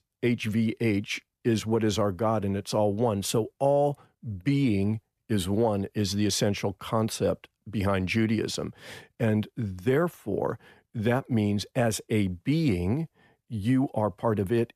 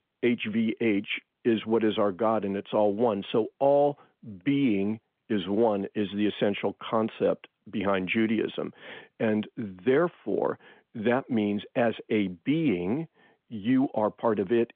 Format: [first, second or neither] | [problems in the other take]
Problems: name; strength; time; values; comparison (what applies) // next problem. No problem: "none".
first | phone-call audio; nothing above 3.5 kHz